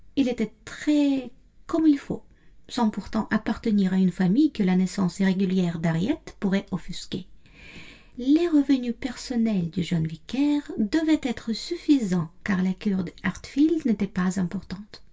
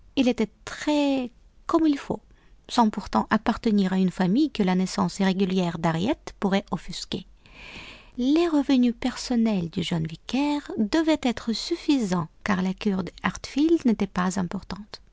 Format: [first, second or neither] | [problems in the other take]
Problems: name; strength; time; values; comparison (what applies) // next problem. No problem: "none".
second | room echo; dies away in 0.1 s